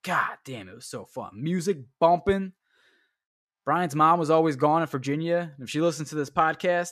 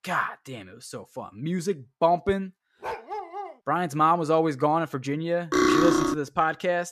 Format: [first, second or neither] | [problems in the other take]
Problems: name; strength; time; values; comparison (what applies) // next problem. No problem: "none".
first | dog barking; noticeable; at 3 s; peak 8 dB below the speech // clattering dishes; loud; at 5.5 s; peak 6 dB above the speech